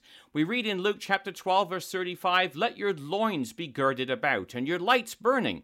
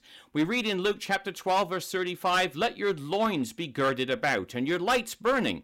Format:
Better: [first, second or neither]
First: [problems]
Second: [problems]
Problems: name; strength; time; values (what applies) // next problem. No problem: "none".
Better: first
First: none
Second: distortion; slight; 6% of the sound clipped